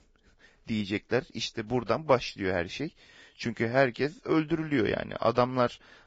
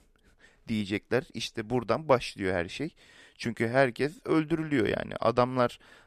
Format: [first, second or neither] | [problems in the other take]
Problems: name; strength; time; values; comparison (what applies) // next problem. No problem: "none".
second | garbled, watery; badly; nothing above 7.5 kHz